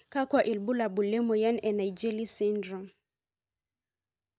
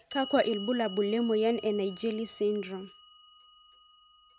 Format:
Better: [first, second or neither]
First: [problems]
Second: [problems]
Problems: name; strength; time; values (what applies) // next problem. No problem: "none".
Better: first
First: none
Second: background sound (Clock); 16 dB below the speech